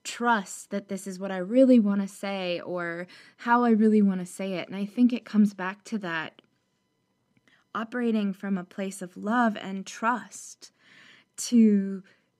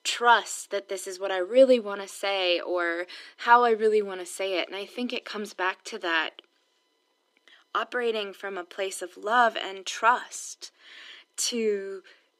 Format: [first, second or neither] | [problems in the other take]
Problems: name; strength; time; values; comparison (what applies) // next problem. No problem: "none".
first | thin; very; fading below 350 Hz